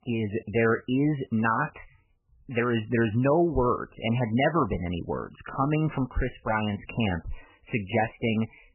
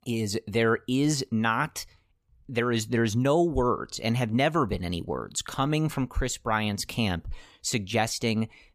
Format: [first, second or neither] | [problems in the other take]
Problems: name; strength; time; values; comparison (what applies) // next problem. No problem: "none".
second | garbled, watery; badly; nothing above 3 kHz